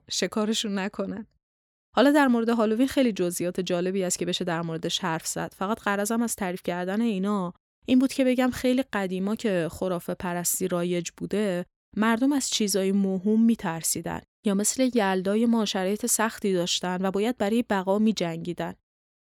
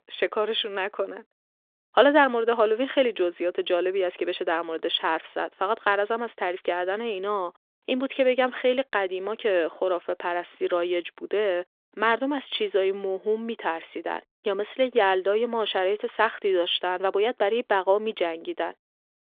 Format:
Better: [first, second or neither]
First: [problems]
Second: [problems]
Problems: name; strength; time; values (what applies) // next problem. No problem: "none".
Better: first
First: none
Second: phone-call audio; nothing above 3.5 kHz